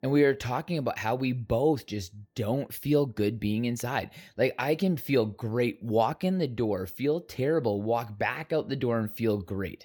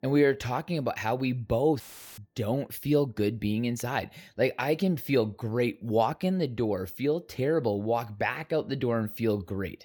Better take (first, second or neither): first